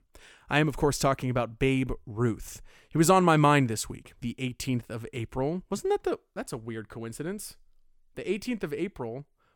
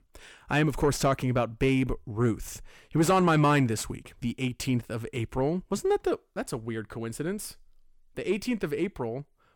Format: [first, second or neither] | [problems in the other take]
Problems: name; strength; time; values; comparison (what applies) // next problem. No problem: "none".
first | distortion; slight; 10 dB below the speech